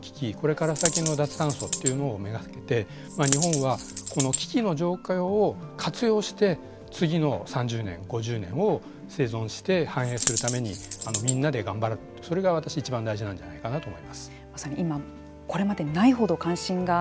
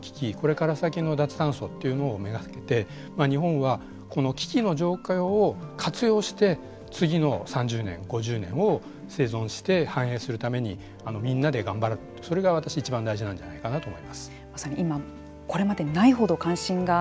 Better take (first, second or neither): second